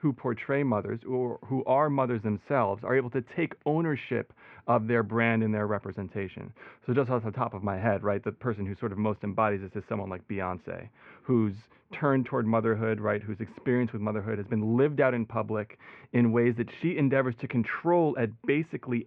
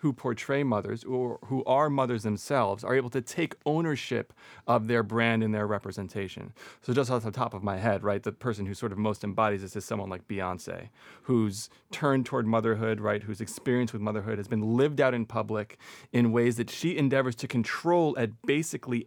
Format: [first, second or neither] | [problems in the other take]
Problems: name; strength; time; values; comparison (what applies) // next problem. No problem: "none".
second | muffled; very; fading above 2.5 kHz